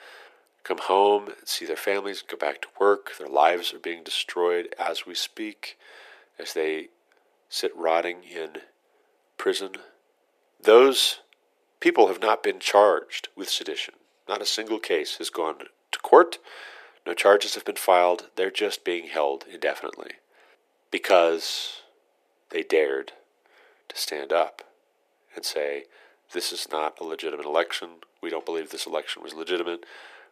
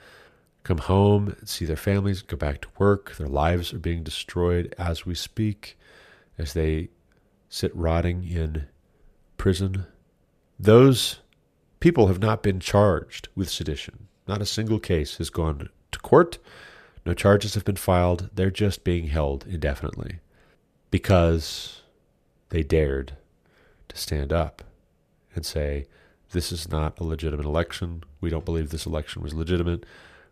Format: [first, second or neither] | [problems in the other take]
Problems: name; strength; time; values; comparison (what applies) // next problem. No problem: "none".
second | thin; very; fading below 350 Hz